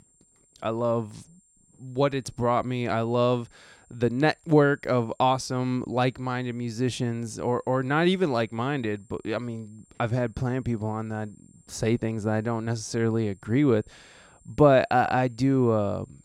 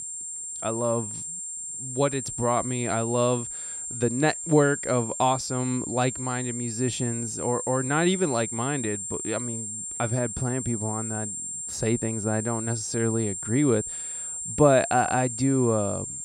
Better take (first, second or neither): first